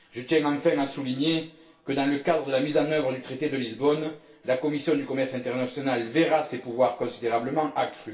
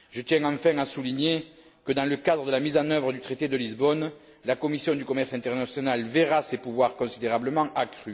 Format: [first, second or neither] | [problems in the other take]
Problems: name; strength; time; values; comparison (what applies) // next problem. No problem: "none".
second | room echo; dies away in 0.3 s